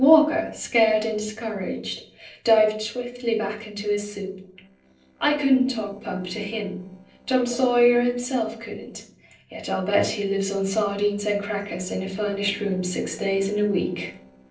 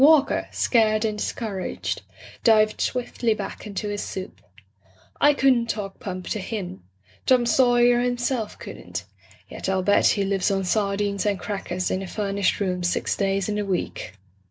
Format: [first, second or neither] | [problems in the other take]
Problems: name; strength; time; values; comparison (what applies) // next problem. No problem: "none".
second | noise reduction (neural separator model SepFormer DNS4)